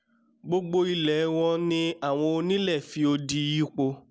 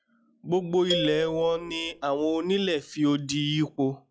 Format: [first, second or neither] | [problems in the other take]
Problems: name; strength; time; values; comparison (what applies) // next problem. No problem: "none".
first | noise reduction (classical method log-MMSE)